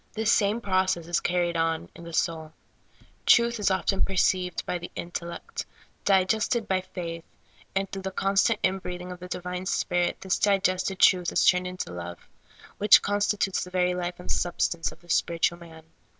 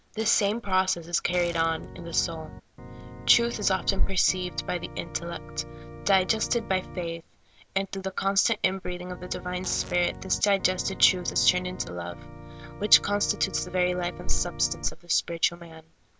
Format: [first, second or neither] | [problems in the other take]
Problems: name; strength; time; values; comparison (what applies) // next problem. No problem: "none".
first | background sound (Organ + Fart); 14 dB below the speech